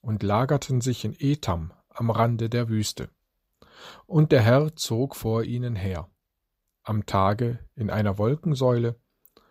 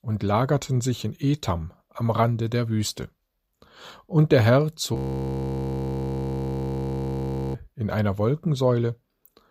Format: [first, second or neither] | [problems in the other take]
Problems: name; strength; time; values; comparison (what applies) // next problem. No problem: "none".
first | audio freezing; at 5 s for 2.5 s